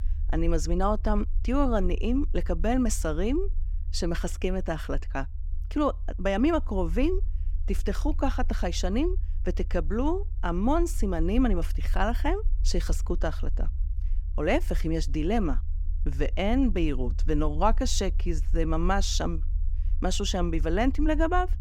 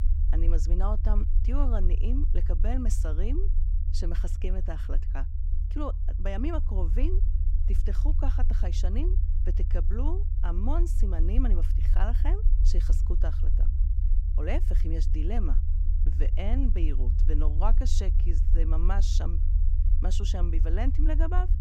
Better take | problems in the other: first | low rumble; loud; throughout; 9 dB below the speech; faint in the first

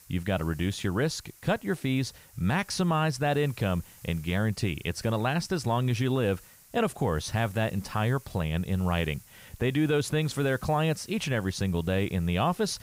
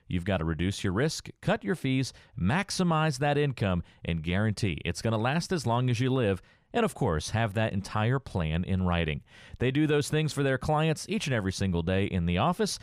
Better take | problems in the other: second | hiss; faint; throughout; 25 dB below the speech

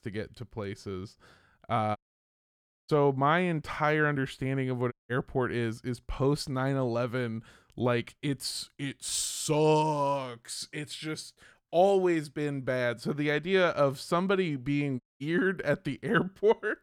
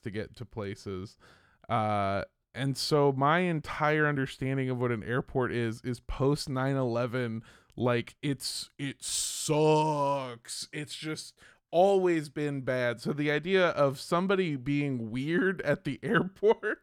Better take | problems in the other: second | audio cutting out; at 2 s for 1 s, at 5 s and at 15 s

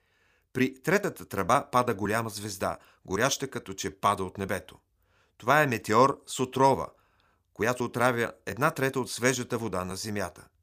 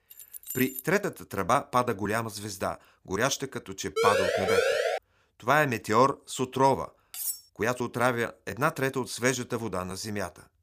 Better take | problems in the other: first | jangling keys; noticeable; at the start; peak 6 dB below the speech // siren; loud; from 4 to 5 s; peak 4 dB above the speech // clattering dishes; noticeable; at 7 s; peak 4 dB below the speech

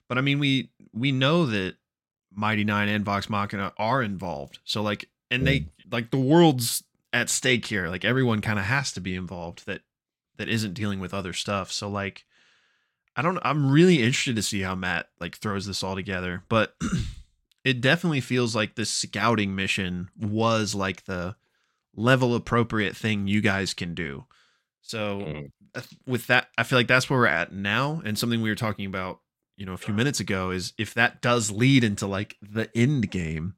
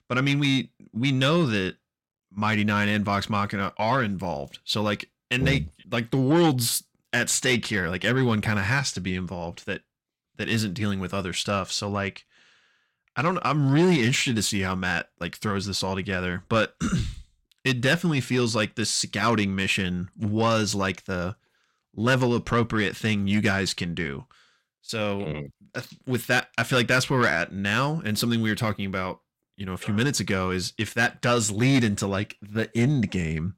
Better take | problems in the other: first | distortion; slight; 10 dB below the speech

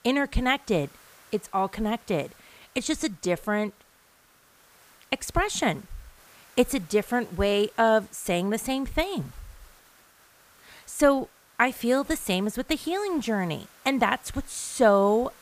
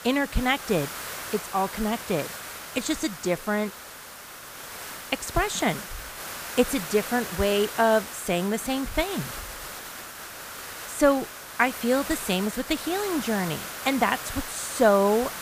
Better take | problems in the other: first | hiss; loud; throughout; 9 dB below the speech; faint in the first

